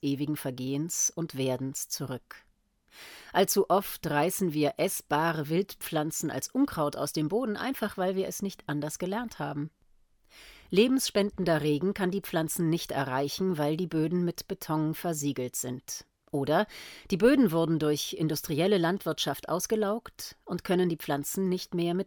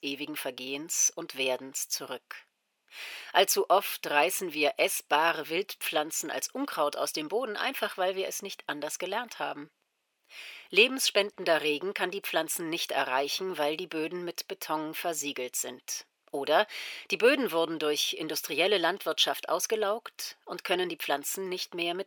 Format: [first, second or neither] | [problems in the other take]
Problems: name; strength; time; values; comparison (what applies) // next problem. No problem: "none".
first | thin; somewhat; fading below 550 Hz